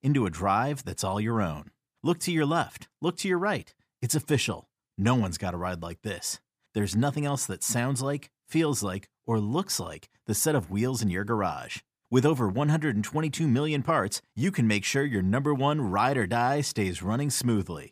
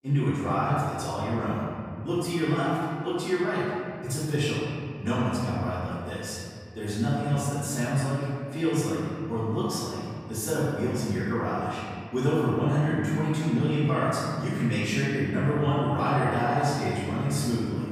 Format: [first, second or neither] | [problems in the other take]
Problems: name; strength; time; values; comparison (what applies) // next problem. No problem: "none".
first | off-mic speech; far // room echo; strong; dies away in 2.2 s